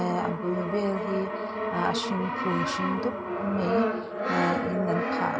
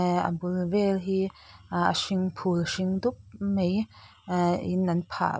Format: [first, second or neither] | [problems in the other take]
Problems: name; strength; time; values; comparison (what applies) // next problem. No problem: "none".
second | background sound (Brass instrument); 1 dB above the speech